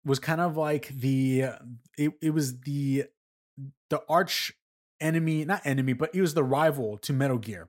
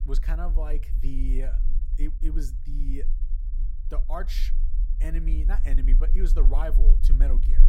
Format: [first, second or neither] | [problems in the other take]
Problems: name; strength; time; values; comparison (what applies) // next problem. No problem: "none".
first | low rumble; noticeable; throughout; 10 dB below the speech